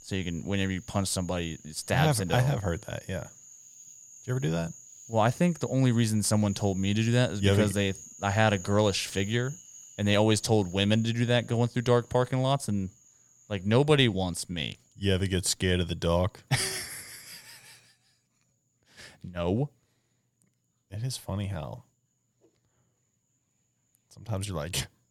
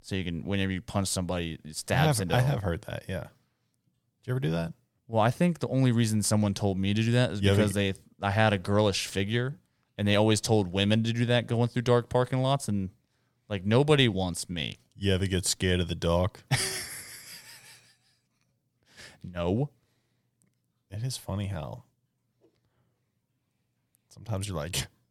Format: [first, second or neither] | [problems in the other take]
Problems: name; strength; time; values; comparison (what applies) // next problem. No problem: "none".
second | animal sounds; noticeable; throughout; 20 dB below the speech